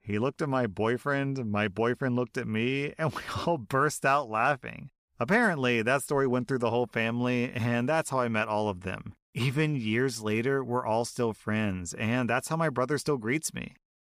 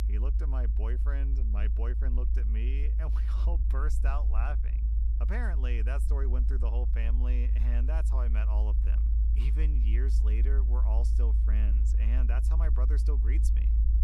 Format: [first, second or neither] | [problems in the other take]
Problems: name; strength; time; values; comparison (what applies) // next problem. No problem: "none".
first | low rumble; loud; throughout; 5 dB below the speech